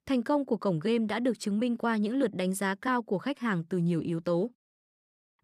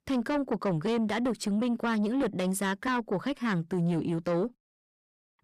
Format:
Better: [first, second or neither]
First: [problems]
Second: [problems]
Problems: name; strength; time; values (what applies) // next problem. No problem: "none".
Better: first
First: none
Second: distortion; slight; 10 dB below the speech